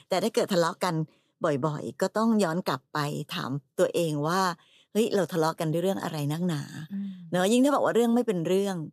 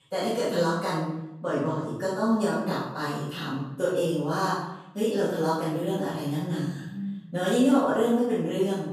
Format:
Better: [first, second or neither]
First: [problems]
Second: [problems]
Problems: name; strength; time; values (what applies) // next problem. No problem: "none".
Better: first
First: none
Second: room echo; strong; dies away in 0.8 s // off-mic speech; far